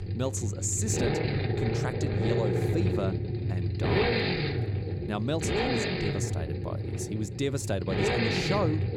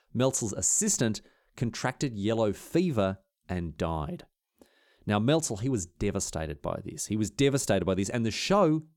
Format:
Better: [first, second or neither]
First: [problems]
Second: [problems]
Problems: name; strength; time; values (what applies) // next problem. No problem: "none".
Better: second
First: traffic noise; very loud; throughout; 4 dB above the speech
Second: none